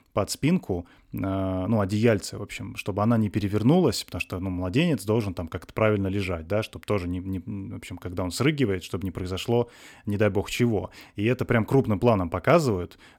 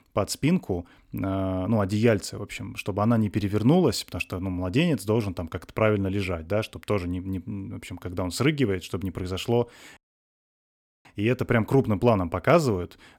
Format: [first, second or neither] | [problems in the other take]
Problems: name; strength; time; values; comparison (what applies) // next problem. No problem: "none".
first | audio cutting out; at 10 s for 1 s